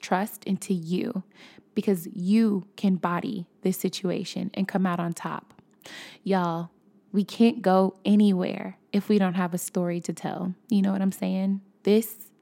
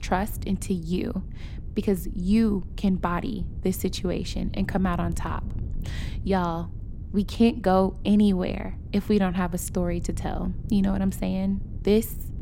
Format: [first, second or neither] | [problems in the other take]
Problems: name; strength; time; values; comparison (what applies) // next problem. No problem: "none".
first | wind noise on the microphone; occasional gusts; 20 dB below the speech